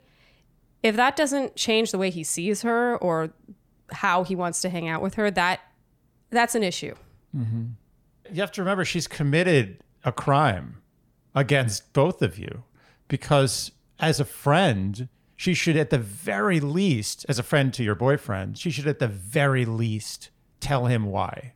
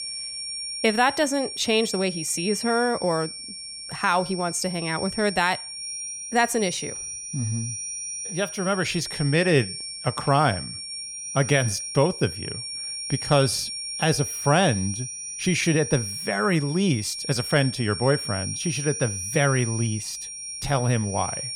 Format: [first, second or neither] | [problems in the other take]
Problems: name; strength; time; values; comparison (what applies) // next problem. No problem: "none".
first | high-pitched whine; loud; throughout; 5.5 kHz, 7 dB below the speech